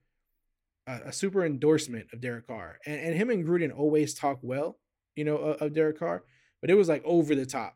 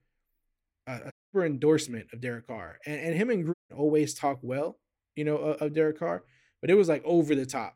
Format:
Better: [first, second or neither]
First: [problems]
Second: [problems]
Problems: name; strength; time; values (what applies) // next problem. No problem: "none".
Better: first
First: none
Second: audio cutting out; at 1 s and at 3.5 s